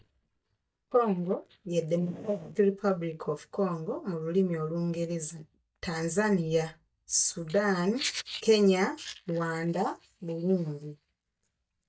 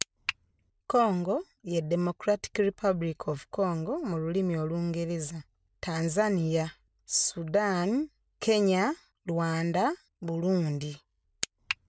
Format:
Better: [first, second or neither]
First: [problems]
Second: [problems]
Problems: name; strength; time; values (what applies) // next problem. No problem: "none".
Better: second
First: noise reduction (neural mask model DeepFilterNet 3)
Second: none